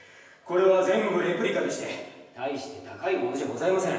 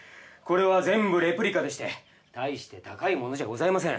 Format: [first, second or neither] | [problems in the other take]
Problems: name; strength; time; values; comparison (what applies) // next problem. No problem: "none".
second | room echo; dies away in 1 s